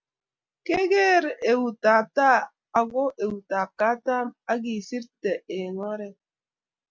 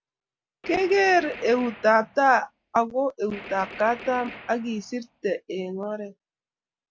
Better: first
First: none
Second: background sound (Gunshot, gunfire); 17 dB below the speech

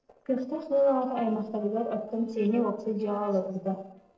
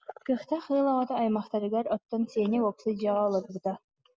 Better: second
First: noise reduction (neural separator model SepFormer DNS4)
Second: none

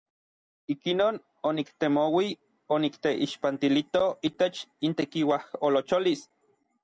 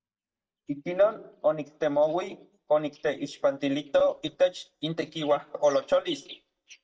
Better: first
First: none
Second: noise reduction (neural mask model DeepFilterNet 3)

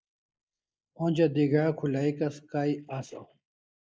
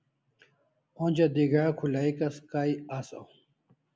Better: second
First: noise reduction (neural mask model Resemble Enhance denoiser)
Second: none

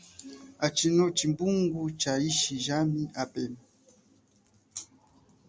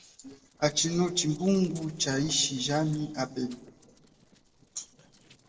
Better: first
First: none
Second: noise reduction (neural separator model SepFormer DNS4)

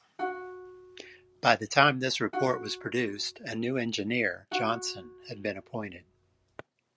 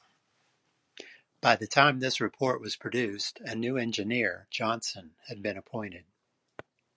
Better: second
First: background sound (Plucked string instrument); 11 dB below the speech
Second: none

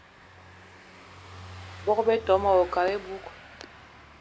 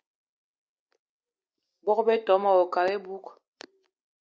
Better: second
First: background sound (Car passing by / Engine); 16 dB below the speech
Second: none

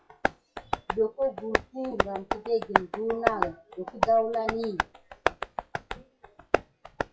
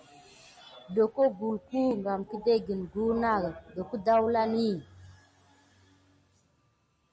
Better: second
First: noise reduction (classical method WPE with log-MMSE)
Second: none

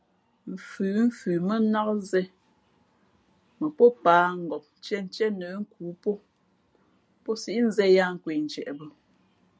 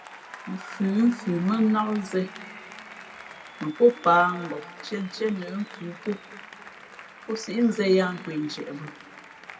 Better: first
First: none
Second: background sound (Applause); 17 dB below the speech // room echo; dies away in 1.4 s

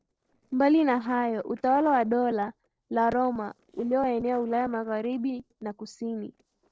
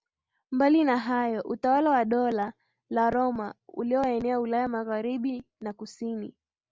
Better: second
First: noise reduction (neural separator model SepFormer DNS4)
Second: none

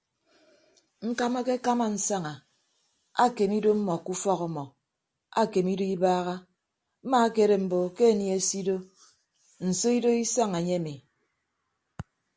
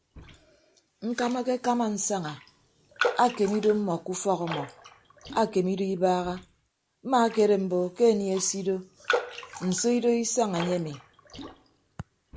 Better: first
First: none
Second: background sound (Raindrop); 11 dB below the speech

